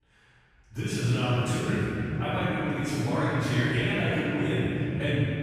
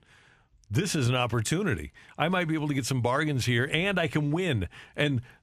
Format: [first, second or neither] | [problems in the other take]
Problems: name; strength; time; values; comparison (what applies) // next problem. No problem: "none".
second | off-mic speech; far // room echo; strong; dies away in 3 s